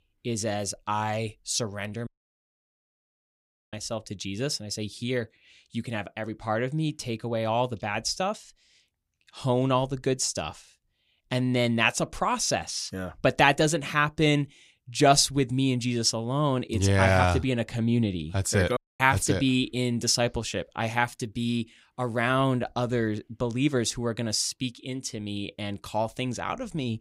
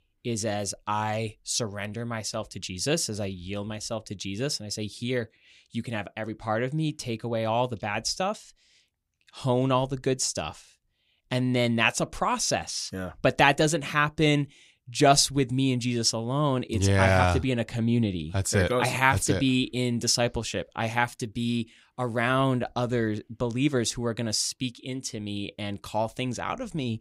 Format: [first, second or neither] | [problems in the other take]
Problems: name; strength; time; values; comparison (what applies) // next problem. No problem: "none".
second | audio cutting out; at 2 s for 1.5 s and at 19 s